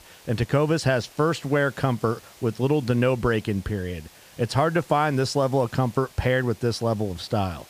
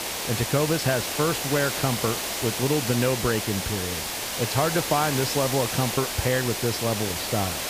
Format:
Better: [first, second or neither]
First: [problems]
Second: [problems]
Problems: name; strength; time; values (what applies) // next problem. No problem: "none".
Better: first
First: hiss; faint; throughout; 25 dB below the speech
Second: hiss; loud; throughout; 1 dB below the speech